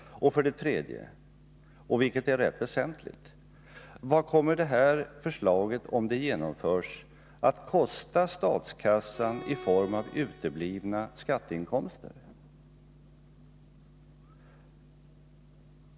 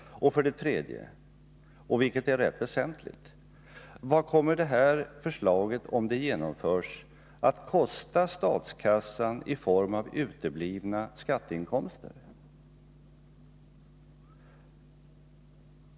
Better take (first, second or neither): second